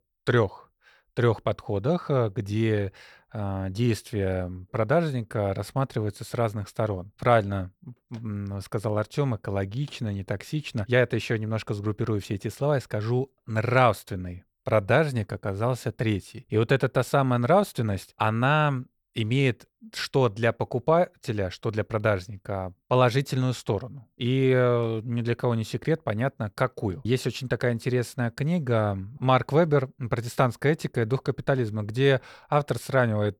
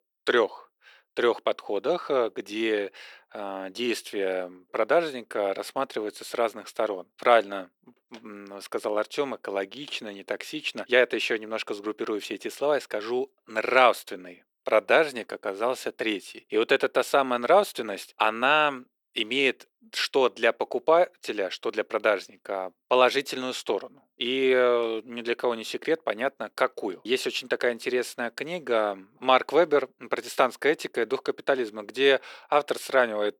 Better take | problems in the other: first | thin; somewhat; fading below 300 Hz

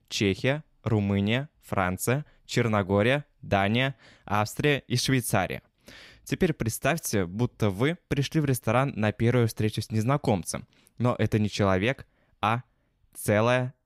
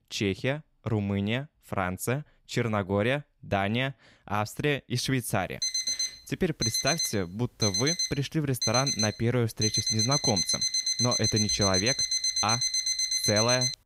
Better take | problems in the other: first | alarm; loud; from 5.5 s on; peak 5 dB above the speech

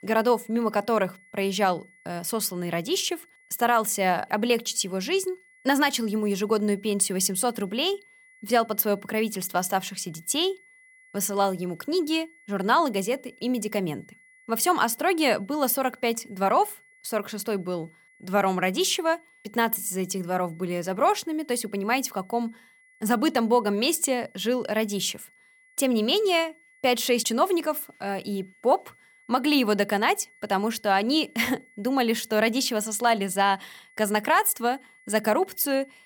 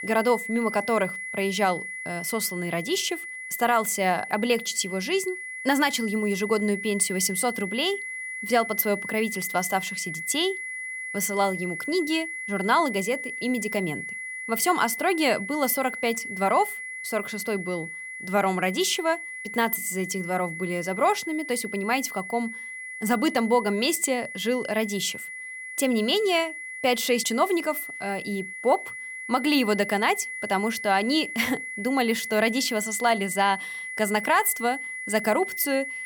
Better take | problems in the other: first | high-pitched whine; loud; throughout; 2 kHz, 8 dB below the speech; faint in the first

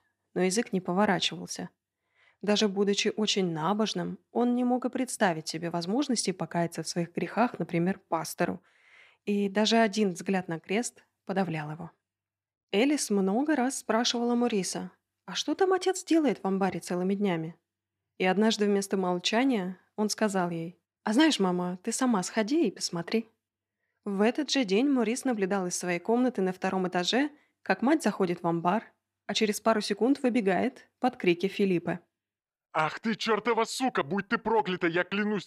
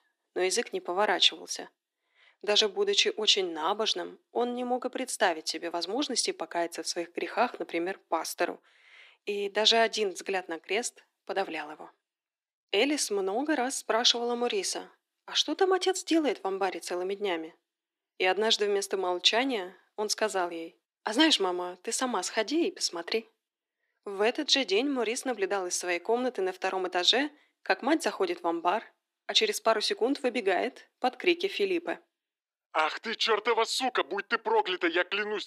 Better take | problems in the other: first | thin; somewhat; fading below 300 Hz

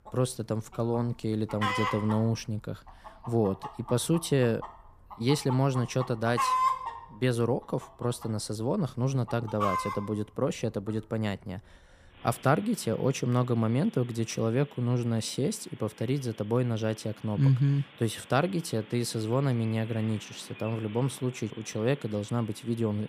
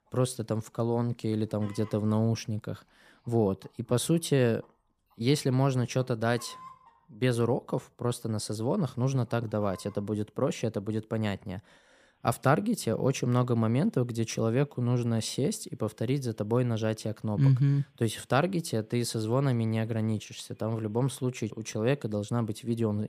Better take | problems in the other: second | animal sounds; loud; throughout; 7 dB below the speech; faint in the second

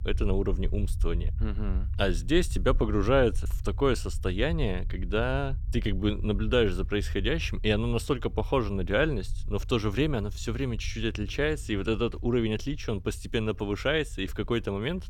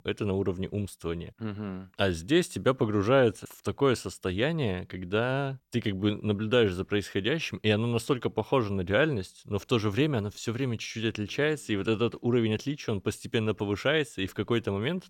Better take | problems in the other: second | low rumble; faint; throughout; 25 dB below the speech

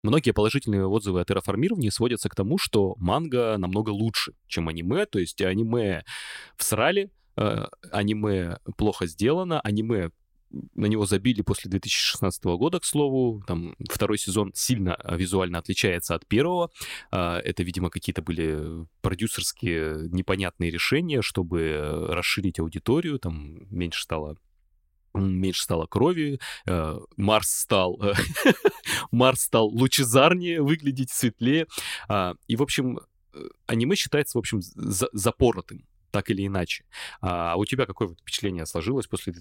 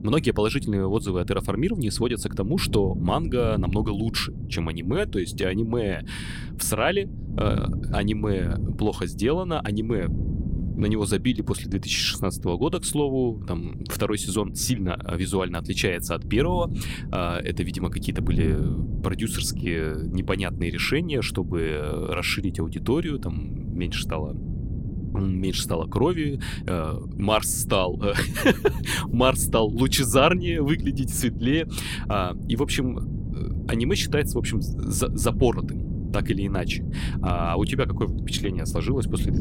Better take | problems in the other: first | wind noise on the microphone; occasional gusts; 15 dB below the speech

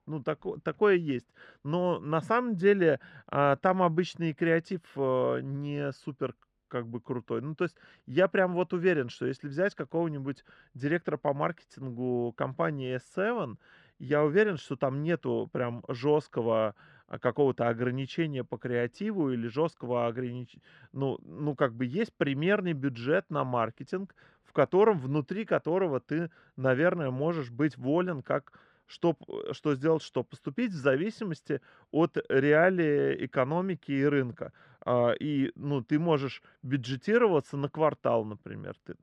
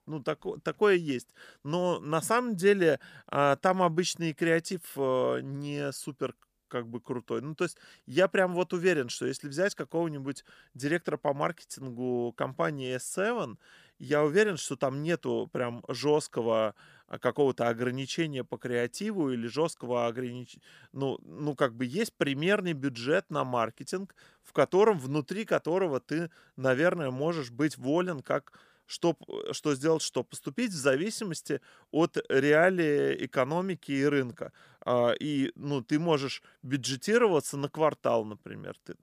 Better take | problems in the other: second | muffled; slightly; fading above 2.5 kHz

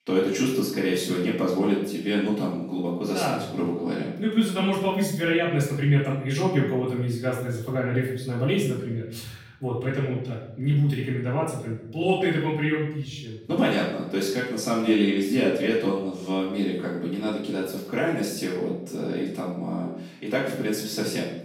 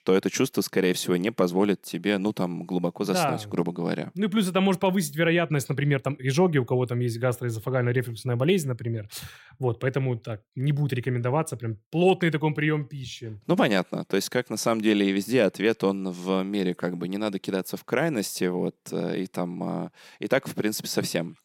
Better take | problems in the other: second | room echo; noticeable; dies away in 0.6 s // off-mic speech; far

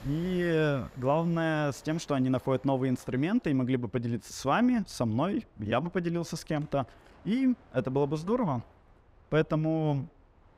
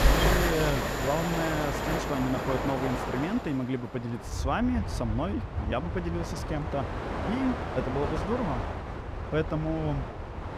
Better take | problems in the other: first | train or aircraft noise; loud; throughout; 1 dB below the speech; faint in the first

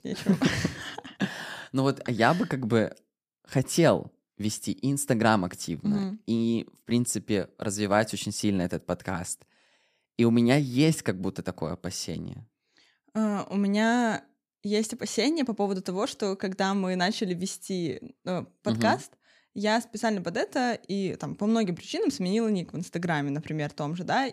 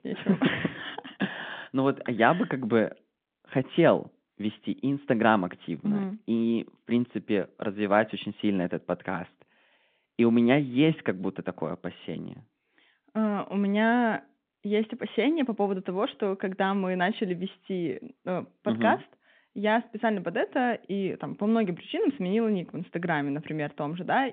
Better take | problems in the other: first | phone-call audio

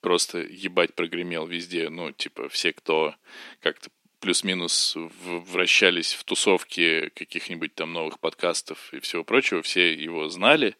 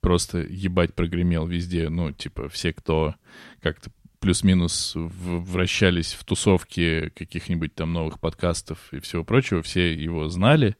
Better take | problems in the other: second | thin; somewhat; fading below 300 Hz

